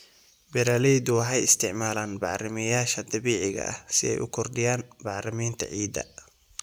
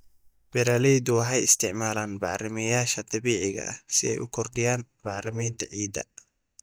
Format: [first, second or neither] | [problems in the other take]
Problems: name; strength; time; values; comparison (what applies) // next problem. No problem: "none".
first | noise reduction (neural mask model DeepFilterNet 3)